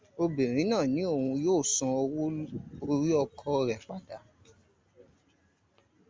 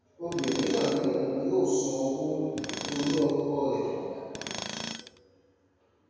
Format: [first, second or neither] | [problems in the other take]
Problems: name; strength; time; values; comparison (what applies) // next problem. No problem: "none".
first | background sound (Tools); 10 dB below the speech // room echo; dies away in 2.2 s